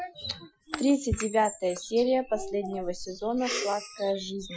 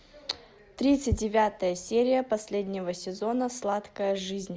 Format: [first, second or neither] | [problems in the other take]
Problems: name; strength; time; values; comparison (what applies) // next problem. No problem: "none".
second | noise reduction (classical method Wiener filter)